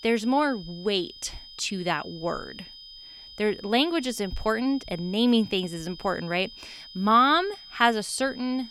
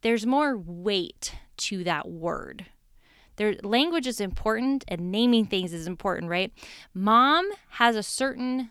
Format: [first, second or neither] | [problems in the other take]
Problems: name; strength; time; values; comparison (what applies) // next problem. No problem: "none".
second | high-pitched whine; noticeable; throughout; 5 kHz, 15 dB below the speech